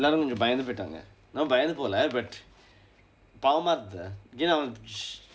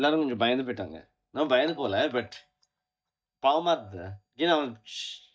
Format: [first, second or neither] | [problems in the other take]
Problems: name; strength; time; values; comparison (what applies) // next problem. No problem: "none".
first | noise reduction (neural mask model DeepFilterNet 3)